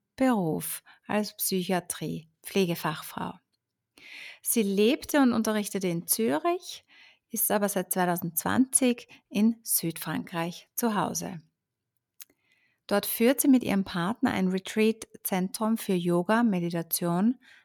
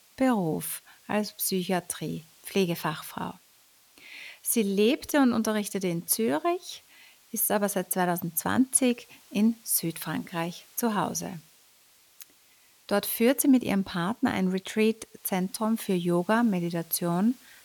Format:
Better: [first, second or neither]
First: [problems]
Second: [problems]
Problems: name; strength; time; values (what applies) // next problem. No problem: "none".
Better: first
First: none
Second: hiss; faint; throughout; 30 dB below the speech